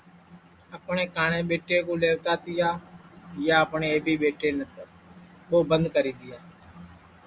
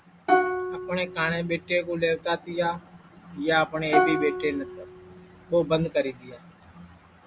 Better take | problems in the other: first | background sound (Plucked string instrument); as loud as the speech

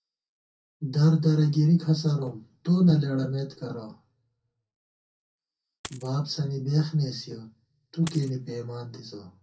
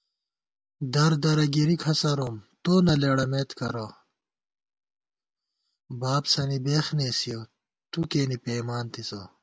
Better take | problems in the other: second | background sound (Coin (dropping)); 17 dB below the speech // room echo; dies away in 0.3 s

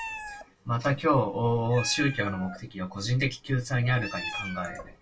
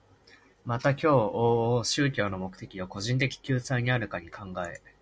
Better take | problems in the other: second | background sound (Meow); 13 dB below the speech // room echo; dies away in 0.1 s

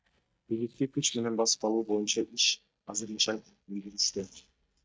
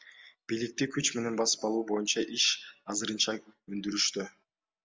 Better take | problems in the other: second | noise reduction (neural mask model DeepFilterNet 3)

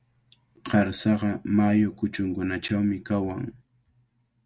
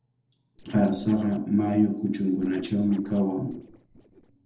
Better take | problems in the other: first | noise reduction (neural separator model SepFormer DNS4)

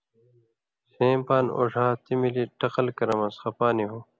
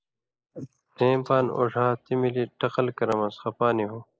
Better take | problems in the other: first | noise reduction (neural mask model Resemble Enhance denoiser)

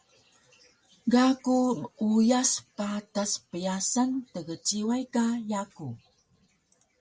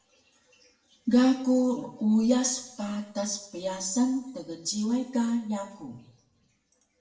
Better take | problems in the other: first | room echo; dies away in 0.7 s

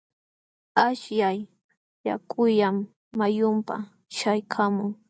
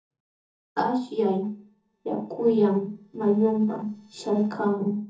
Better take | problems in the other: first | noise reduction (neural separator model SepFormer DNS4)

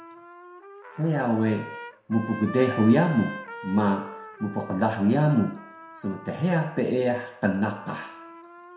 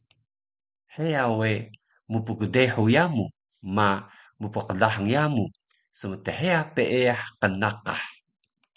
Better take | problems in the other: second | background sound (Trumpet); 16 dB below the speech // room echo; dies away in 0.6 s

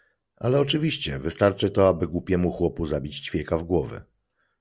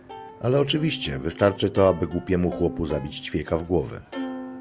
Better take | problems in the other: first | background sound (Plucked string instrument); 13 dB below the speech

